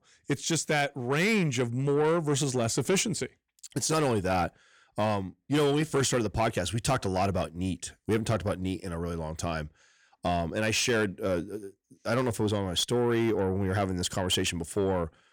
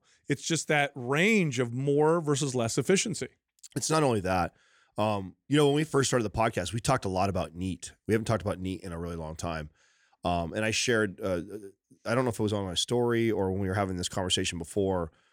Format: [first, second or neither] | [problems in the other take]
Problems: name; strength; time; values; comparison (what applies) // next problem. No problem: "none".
second | distortion; slight; 10 dB below the speech